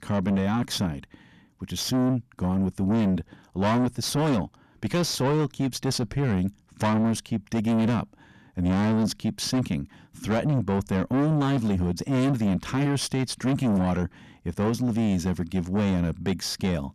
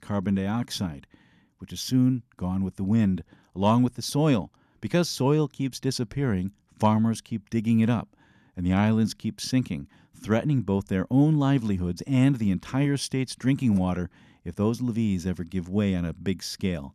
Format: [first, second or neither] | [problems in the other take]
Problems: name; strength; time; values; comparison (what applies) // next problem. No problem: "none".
second | distortion; heavy; 7 dB below the speech